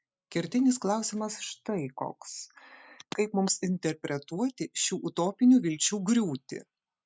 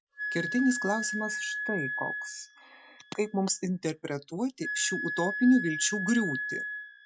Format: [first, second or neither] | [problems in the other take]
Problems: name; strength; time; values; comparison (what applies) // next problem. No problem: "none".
first | noise reduction (classical method log-MMSE)